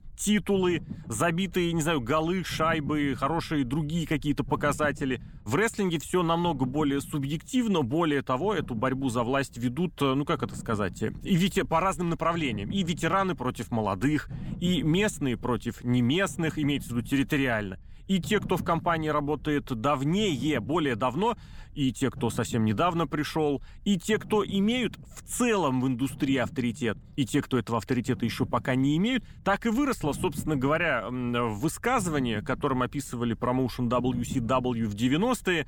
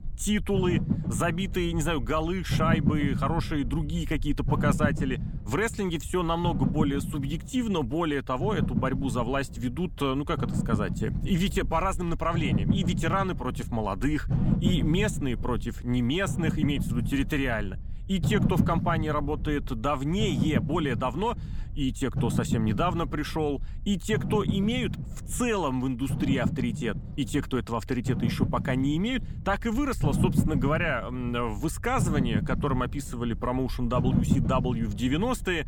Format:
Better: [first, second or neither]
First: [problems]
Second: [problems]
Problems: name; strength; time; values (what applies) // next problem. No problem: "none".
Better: first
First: low rumble; faint; throughout; 20 dB below the speech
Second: low rumble; loud; throughout; 8 dB below the speech